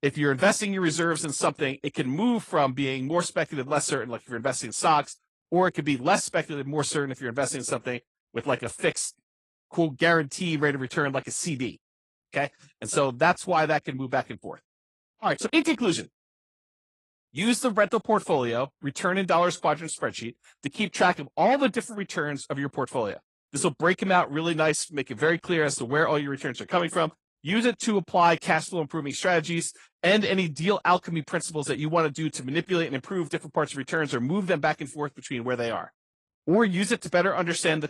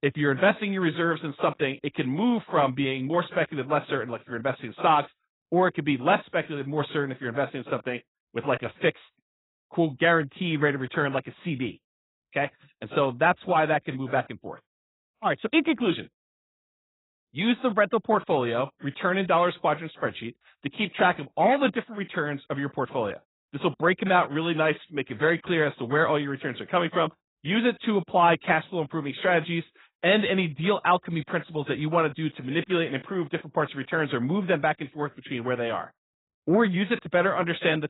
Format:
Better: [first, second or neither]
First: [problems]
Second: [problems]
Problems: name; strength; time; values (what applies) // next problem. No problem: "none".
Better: first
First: garbled, watery; slightly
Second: garbled, watery; badly; nothing above 4 kHz